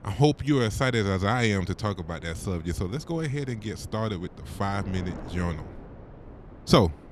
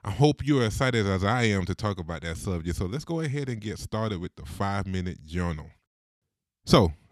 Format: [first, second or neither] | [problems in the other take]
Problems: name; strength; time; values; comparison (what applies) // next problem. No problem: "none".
second | wind noise on the microphone; occasional gusts; 20 dB below the speech